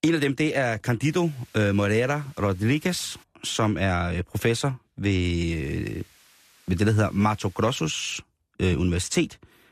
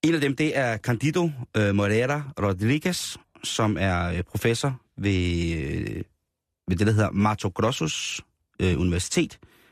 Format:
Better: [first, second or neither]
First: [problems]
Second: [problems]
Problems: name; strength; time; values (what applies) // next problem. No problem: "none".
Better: second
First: hiss; faint; from 1 to 3 s and from 5.5 to 8 s; 30 dB below the speech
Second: none